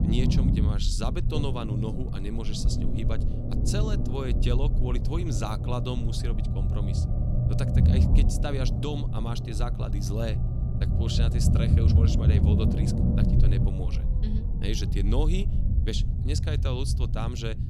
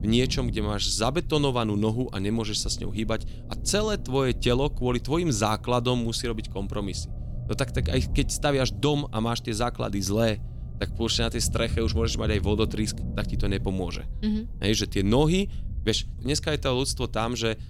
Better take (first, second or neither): second